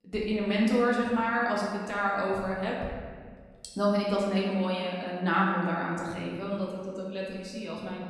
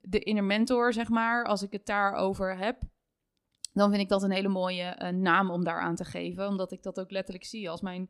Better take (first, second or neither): second